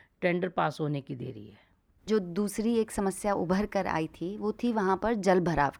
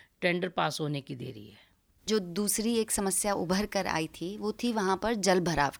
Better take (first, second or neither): second